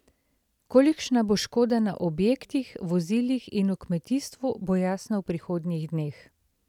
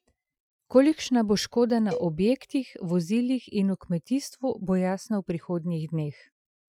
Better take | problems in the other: first | noise reduction (classical method Wiener filter)

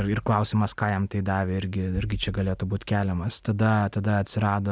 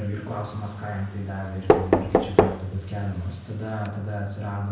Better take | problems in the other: first | background sound (Knock); 4 dB above the speech // room echo; dies away in 0.9 s

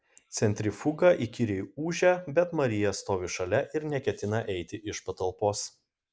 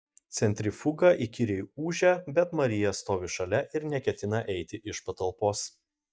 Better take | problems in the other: first | noise reduction (neural mask model DeepFilterNet 3)

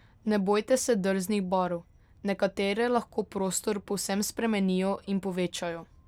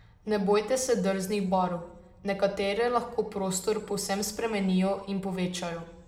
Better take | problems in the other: first | room echo; dies away in 0.7 s

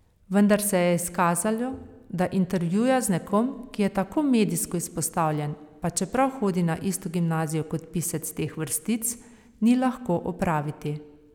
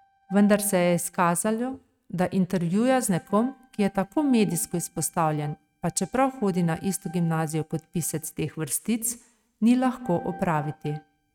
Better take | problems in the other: first | noise reduction (neural mask model RNNoise)

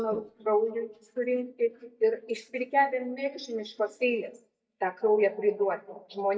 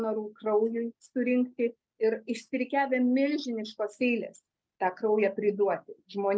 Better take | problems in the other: second | noise reduction (neural mask model DeepFilterNet 3)

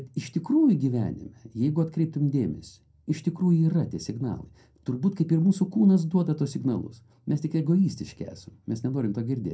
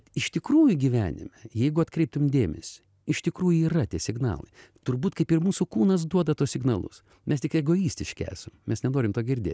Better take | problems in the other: second | room echo; dies away in 0.2 s

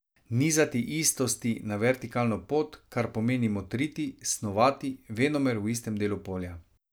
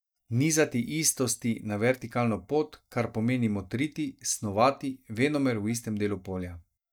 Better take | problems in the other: first | noise reduction (neural mask model DeepFilterNet 3)

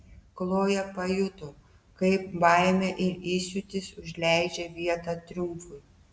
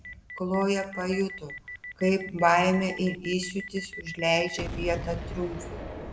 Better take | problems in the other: first | background sound (Boom); 11 dB below the speech

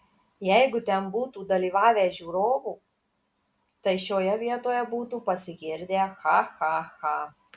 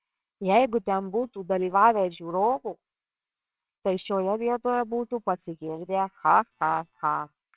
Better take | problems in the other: first | noise reduction (neural separator model SepFormer WHAMR!)

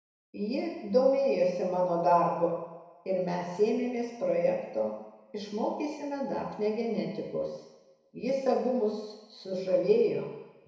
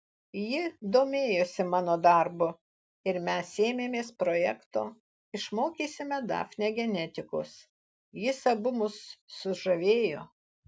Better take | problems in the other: second | room echo; dies away in 1 s

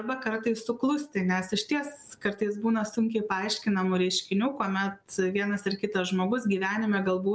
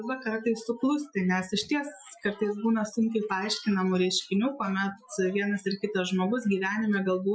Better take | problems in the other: first | noise reduction (classical method Wiener filter)

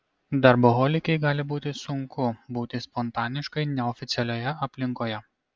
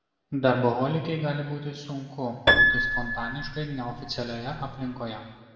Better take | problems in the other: first | background sound (Piano); 3 dB above the speech // room echo; dies away in 1.5 s

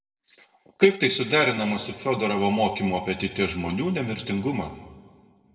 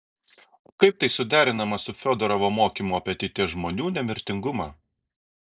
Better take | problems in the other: second | room echo; dies away in 1.7 s

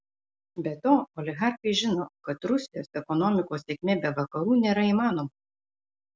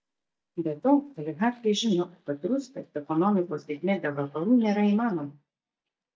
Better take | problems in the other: first | noise reduction (neural mask model DeepFilterNet 3)

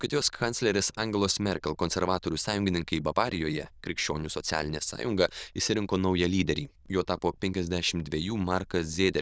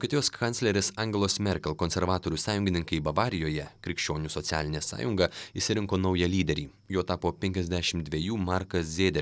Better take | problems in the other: second | noise reduction (neural diffusion model UNIVERSE++)

